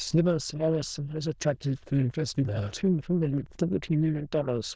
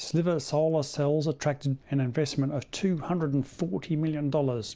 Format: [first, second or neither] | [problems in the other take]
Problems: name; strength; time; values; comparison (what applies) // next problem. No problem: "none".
second | noise reduction (neural diffusion model UNIVERSE++)